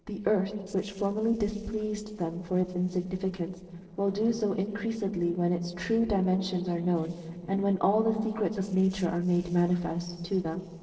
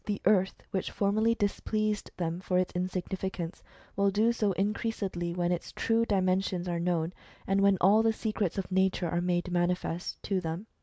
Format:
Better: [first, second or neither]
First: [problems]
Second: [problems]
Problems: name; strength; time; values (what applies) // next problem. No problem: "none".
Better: second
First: noise reduction (neural separator model SepFormer DNS4)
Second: none